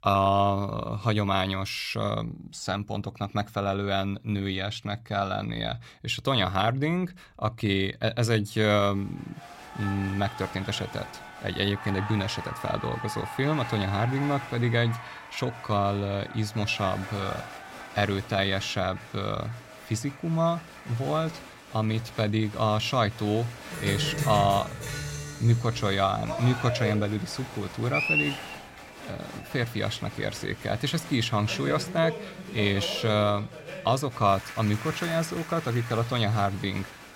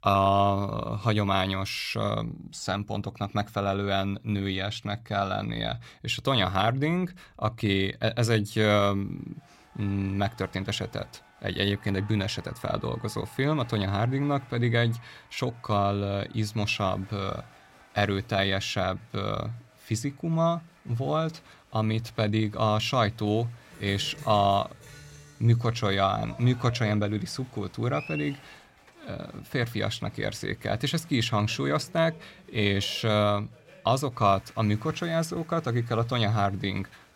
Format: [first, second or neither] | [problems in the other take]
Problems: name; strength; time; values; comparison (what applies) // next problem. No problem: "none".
second | crowd noise; loud; from 9 s on; 9 dB below the speech; faint in the second